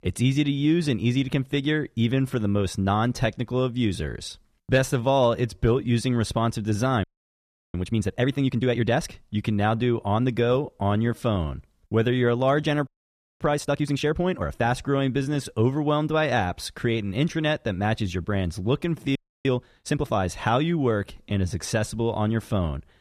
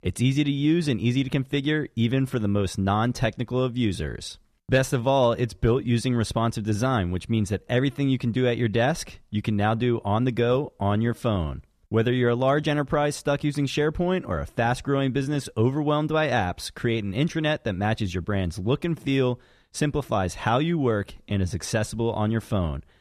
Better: second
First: audio freezing; at 7 s for 0.5 s, at 13 s for 0.5 s and at 19 s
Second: none

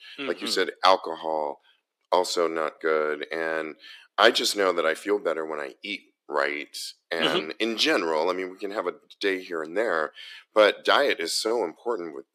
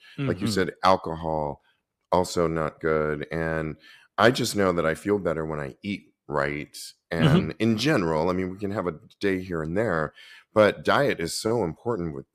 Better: second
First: thin; somewhat; fading below 300 Hz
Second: none

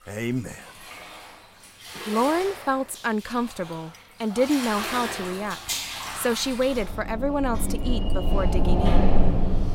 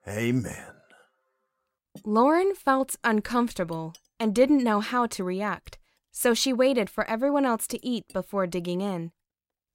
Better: second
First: household noises; loud; throughout; 2 dB below the speech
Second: none

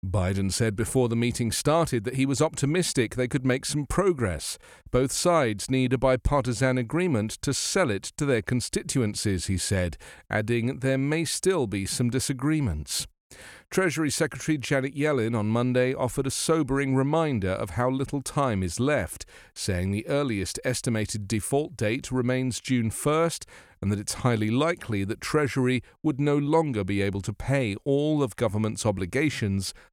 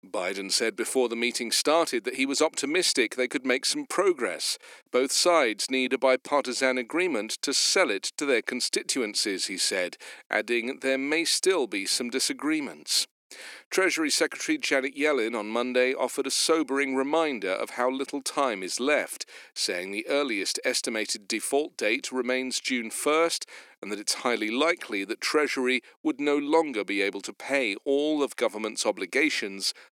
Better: first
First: none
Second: thin; somewhat; fading below 300 Hz

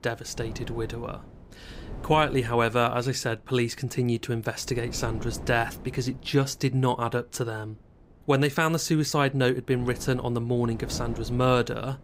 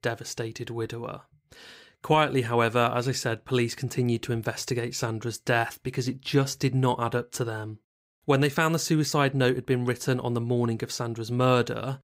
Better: second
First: wind noise on the microphone; occasional gusts; 20 dB below the speech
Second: none

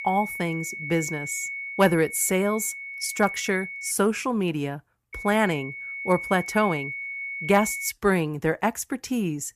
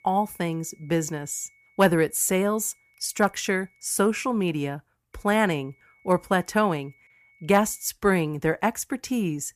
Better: second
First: high-pitched whine; loud; until 4 s and from 5 to 8 s; 2 kHz, 8 dB below the speech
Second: high-pitched whine; faint; until 4 s and from 5 to 8 s; 2 kHz, 35 dB below the speech

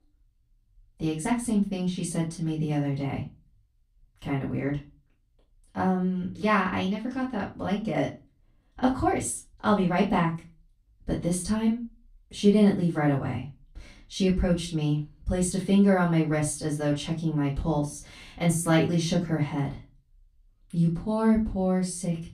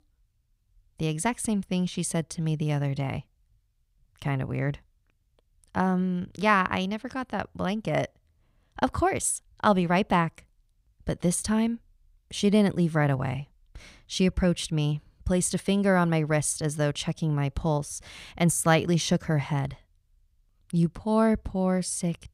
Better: second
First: off-mic speech; far // room echo; slight; dies away in 0.3 s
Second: none

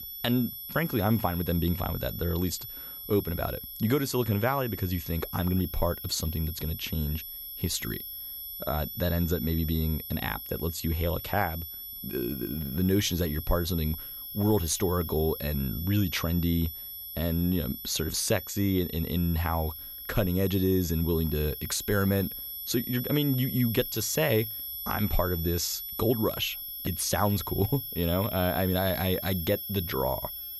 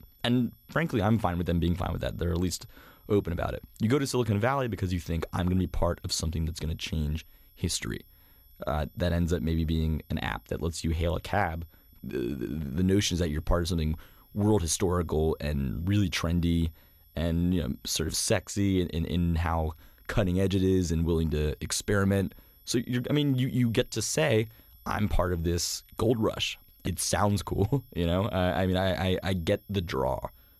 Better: second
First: high-pitched whine; loud; throughout; 11.5 kHz, 7 dB below the speech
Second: high-pitched whine; faint; throughout; 11.5 kHz, 30 dB below the speech

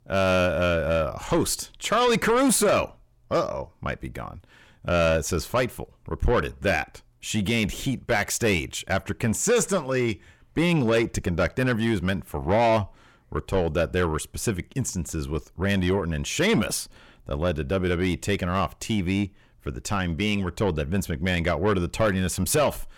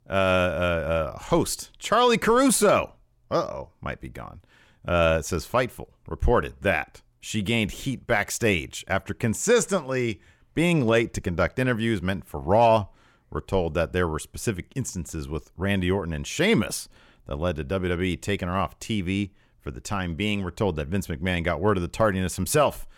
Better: second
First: distortion; slight; 10 dB below the speech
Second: none

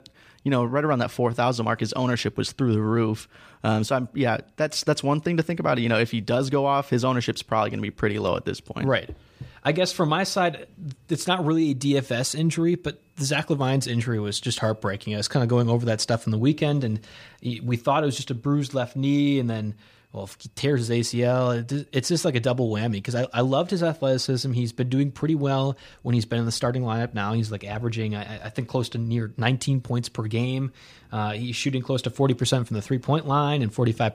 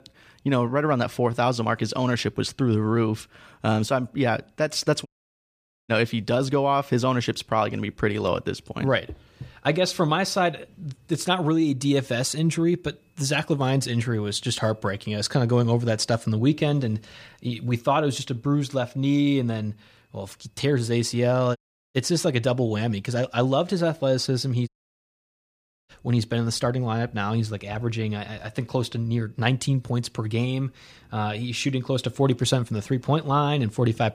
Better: first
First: none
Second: audio cutting out; at 5 s for 1 s, at 22 s and at 25 s for 1 s

